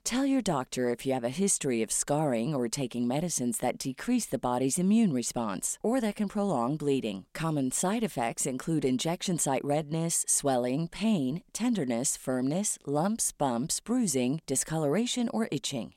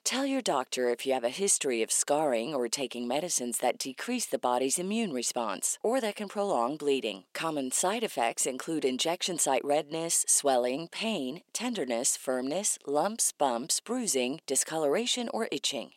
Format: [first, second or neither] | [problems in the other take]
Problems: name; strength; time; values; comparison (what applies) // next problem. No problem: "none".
first | thin; somewhat; fading below 400 Hz